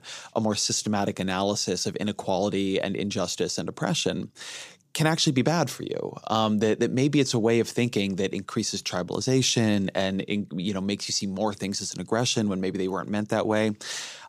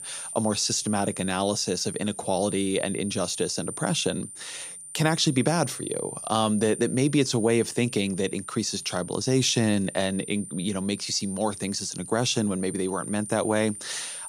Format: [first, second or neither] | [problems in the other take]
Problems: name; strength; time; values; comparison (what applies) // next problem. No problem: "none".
first | high-pitched whine; noticeable; throughout; 9 kHz, 10 dB below the speech